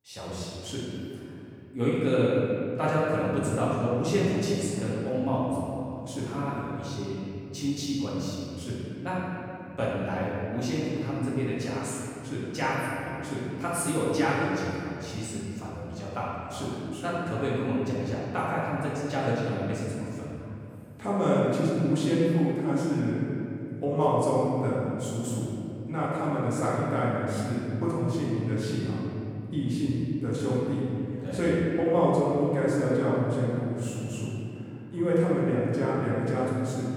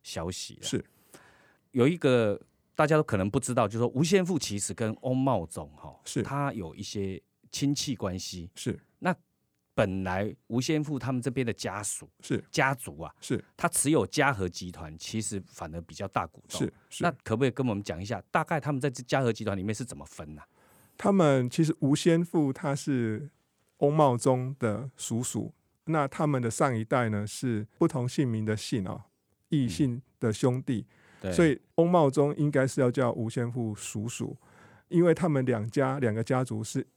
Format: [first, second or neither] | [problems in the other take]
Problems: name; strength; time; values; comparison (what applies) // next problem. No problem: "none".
second | room echo; strong; dies away in 2.9 s // off-mic speech; far